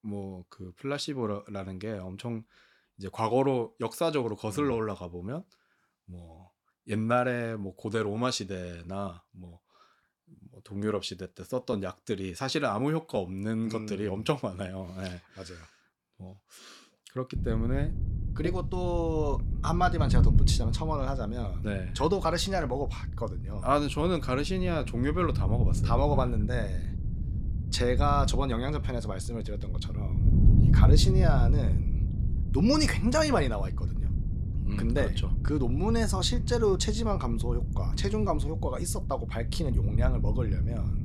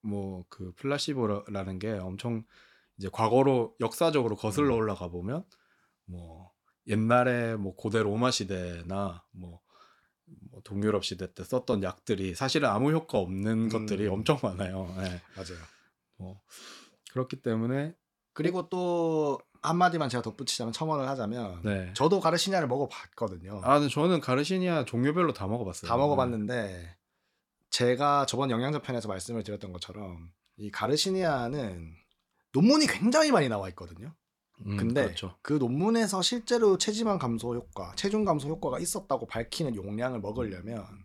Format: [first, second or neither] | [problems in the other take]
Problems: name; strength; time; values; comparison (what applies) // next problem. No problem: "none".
second | wind noise on the microphone; occasional gusts; from 17 s on; 10 dB below the speech